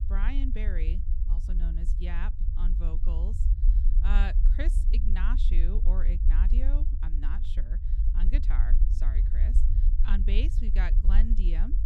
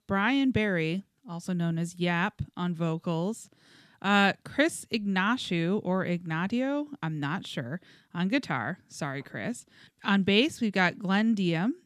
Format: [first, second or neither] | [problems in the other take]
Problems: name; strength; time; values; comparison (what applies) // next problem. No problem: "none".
second | low rumble; loud; throughout; 7 dB below the speech